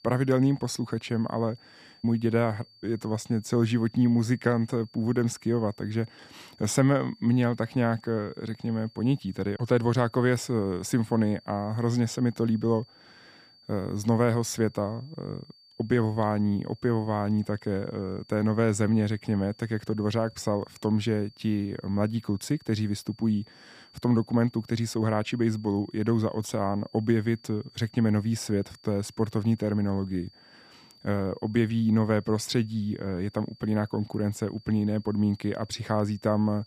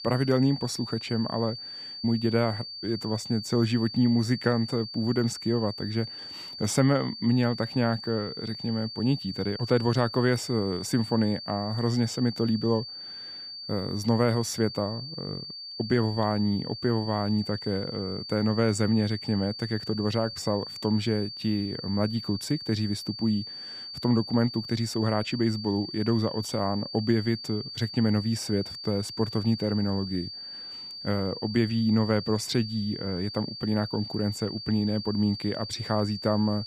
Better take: first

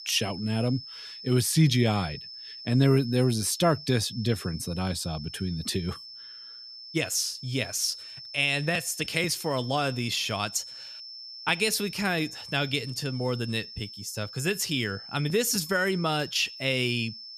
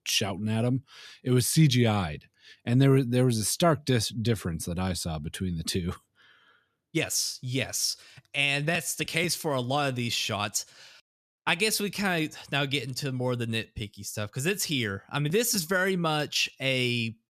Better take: second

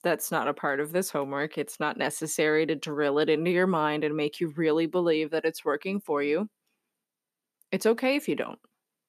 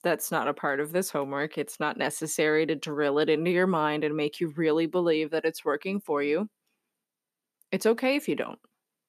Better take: neither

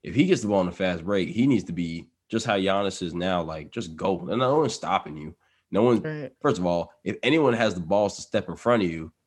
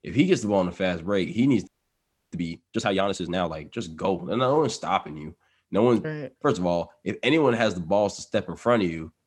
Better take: first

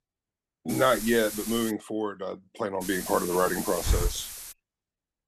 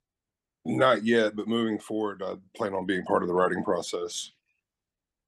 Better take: second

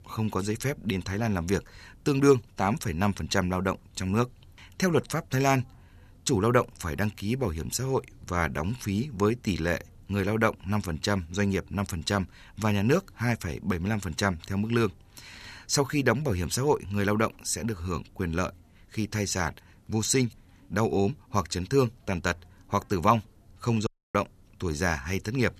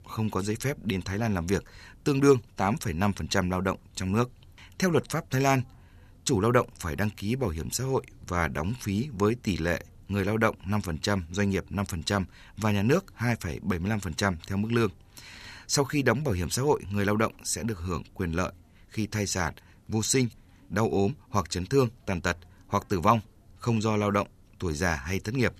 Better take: second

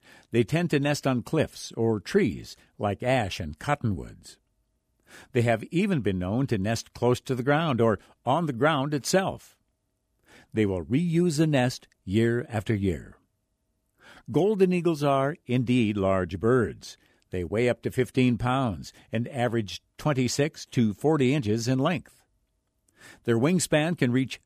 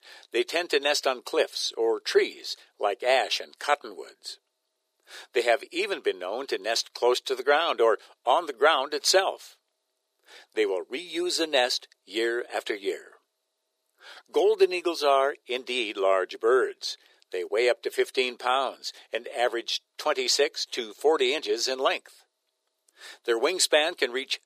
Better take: first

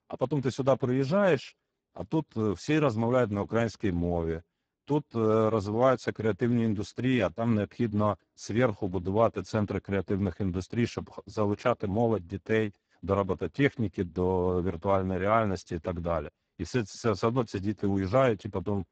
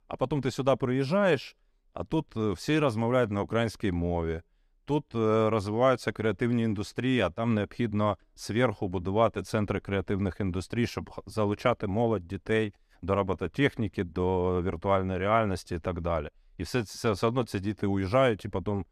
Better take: second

